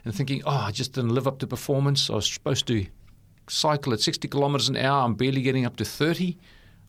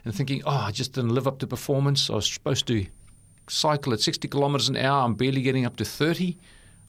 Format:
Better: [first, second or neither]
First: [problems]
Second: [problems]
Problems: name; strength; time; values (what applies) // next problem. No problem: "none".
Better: first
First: none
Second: high-pitched whine; faint; from 3 s on; 9 kHz, 35 dB below the speech